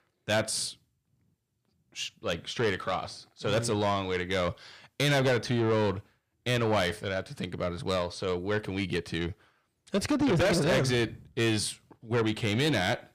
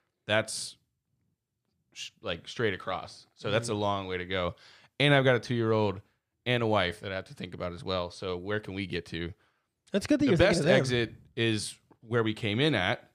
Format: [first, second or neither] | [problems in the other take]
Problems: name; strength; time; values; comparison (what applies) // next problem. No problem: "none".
second | distortion; heavy; 7 dB below the speech